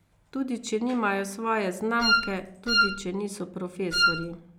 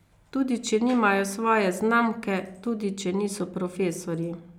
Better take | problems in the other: second | background sound (Wind instrument, woodwind instrument); 4 dB above the speech

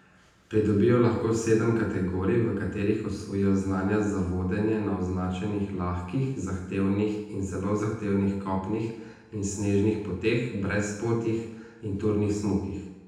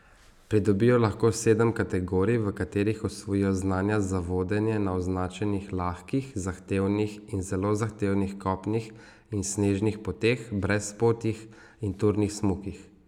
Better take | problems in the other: second | room echo; dies away in 0.9 s

